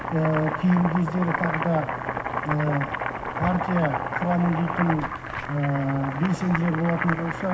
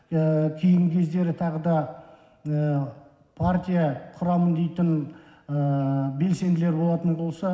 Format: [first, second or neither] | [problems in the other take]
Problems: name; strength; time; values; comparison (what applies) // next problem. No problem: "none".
second | background sound (Boiling); 4 dB below the speech